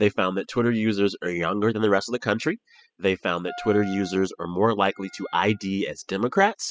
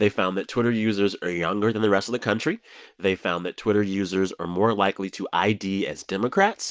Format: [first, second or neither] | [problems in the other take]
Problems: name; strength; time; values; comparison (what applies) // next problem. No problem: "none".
second | noise reduction (classical method spectral subtraction)